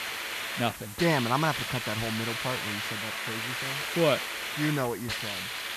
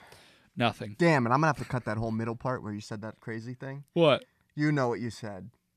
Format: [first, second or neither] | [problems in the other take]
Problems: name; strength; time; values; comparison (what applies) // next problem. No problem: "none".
second | hiss; loud; throughout; 2 dB below the speech